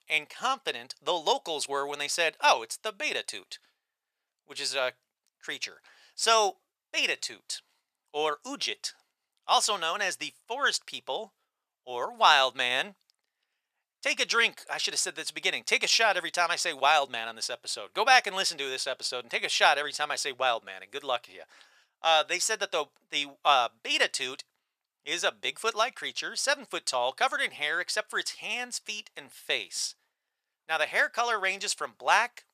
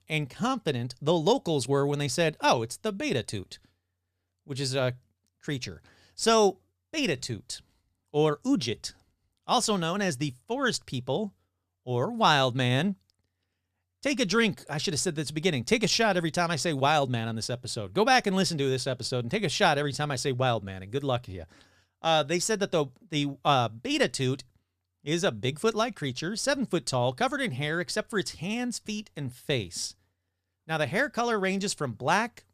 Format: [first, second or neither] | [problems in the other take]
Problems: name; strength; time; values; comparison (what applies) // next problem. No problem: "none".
second | thin; very; fading below 800 Hz